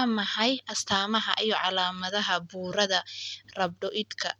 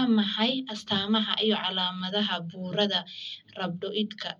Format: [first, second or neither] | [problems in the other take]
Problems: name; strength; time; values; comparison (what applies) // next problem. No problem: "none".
first | room echo; dies away in 0.4 s